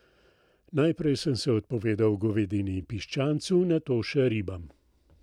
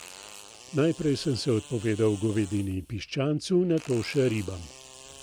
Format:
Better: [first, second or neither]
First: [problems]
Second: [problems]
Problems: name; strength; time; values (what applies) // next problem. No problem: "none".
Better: first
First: none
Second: background sound (Fart); 19 dB below the speech